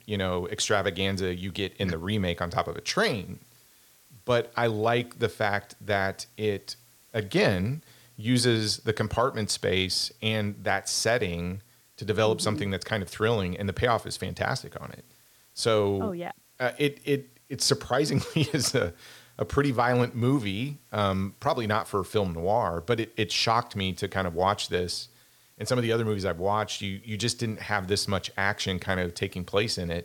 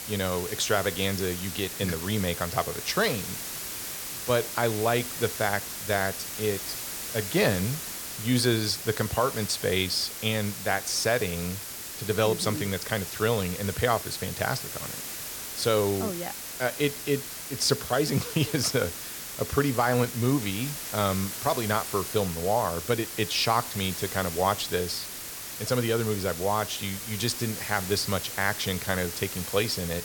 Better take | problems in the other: first | hiss; loud; throughout; 6 dB below the speech; faint in the first

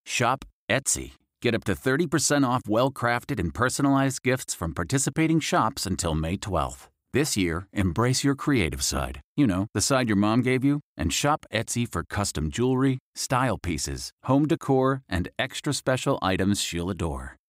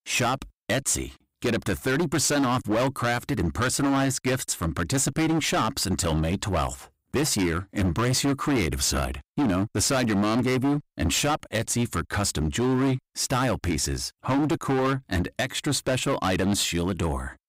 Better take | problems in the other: first | distortion; heavy; 19% of the sound clipped

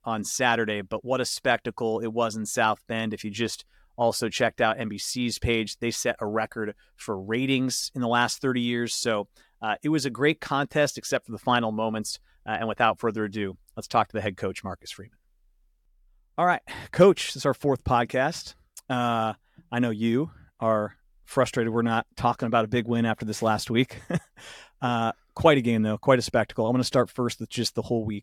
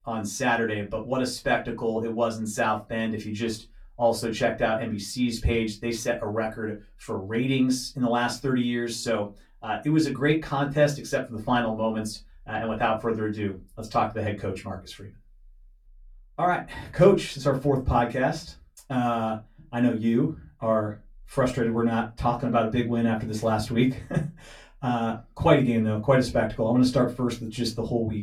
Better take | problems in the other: first | off-mic speech; far // room echo; very slight; dies away in 0.2 s

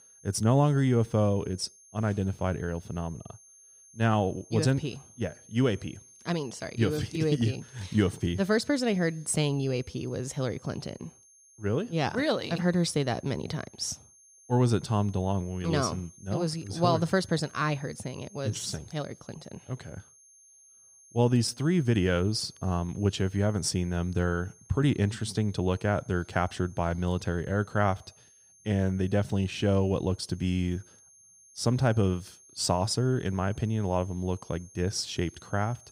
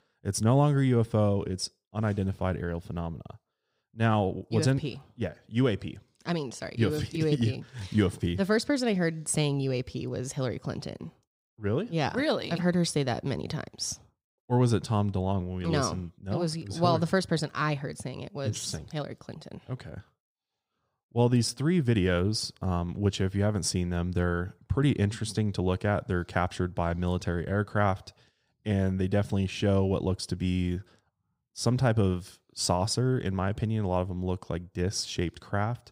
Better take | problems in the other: second | high-pitched whine; faint; throughout; 6.5 kHz, 25 dB below the speech

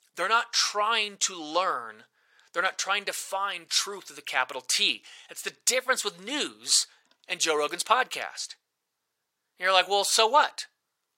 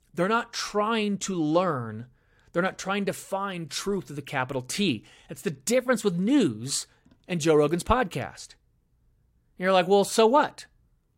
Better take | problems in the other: second | thin; very; fading below 800 Hz

